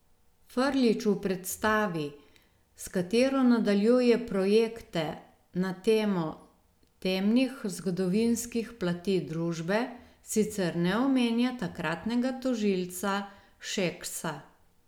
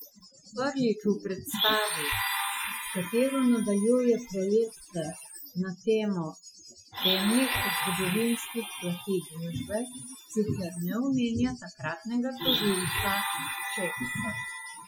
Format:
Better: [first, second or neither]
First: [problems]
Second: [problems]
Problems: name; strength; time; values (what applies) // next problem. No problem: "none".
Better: first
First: none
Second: noise reduction (classical method Wiener filter)